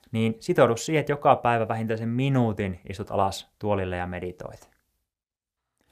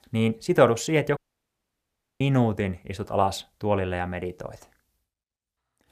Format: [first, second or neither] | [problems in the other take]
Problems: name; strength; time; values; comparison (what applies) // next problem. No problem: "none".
first | audio cutting out; at 1 s for 1 s